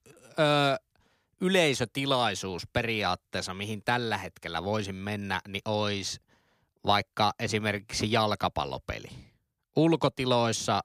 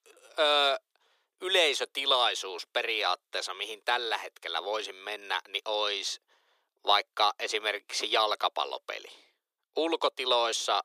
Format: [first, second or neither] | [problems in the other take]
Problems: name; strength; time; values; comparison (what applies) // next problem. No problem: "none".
first | thin; very; fading below 400 Hz